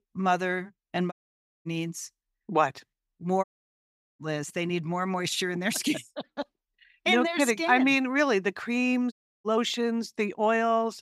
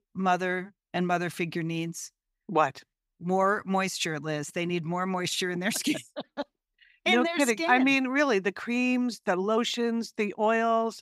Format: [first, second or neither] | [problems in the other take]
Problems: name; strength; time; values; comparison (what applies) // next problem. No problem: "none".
second | audio cutting out; at 1 s for 0.5 s, at 3.5 s for 1 s and at 9 s